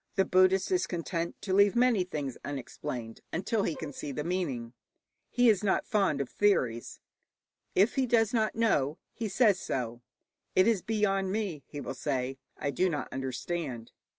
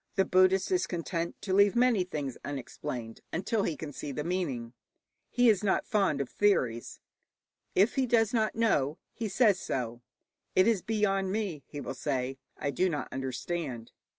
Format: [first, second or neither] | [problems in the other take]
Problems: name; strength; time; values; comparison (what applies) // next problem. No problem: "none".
second | background sound (Bowed string instrument); 20 dB below the speech